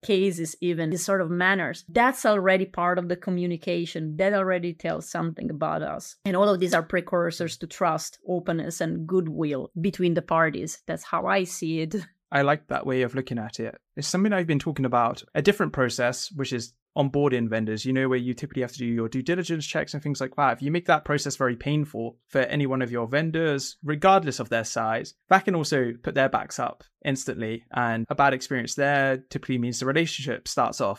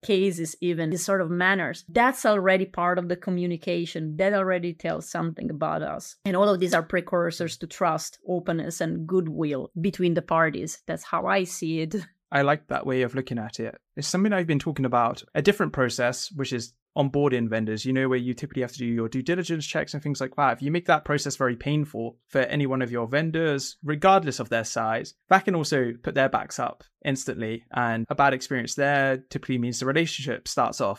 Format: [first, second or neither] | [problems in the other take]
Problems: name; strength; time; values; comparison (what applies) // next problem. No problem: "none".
neither | none